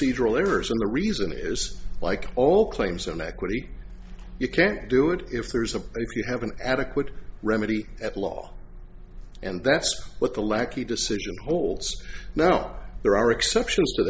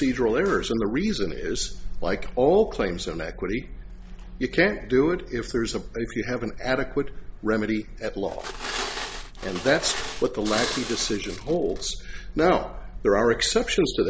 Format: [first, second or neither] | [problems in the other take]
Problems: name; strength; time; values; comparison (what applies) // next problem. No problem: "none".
first | background sound (Glass); 9 dB below the speech